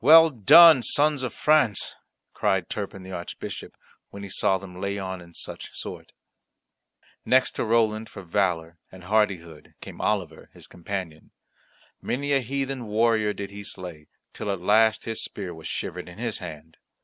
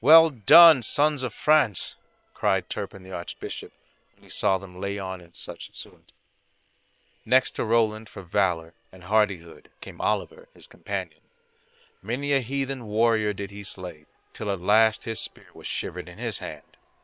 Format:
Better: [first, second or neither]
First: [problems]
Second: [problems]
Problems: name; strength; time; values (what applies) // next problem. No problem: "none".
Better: first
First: none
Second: noise reduction (neural separator model SepFormer WHAM!)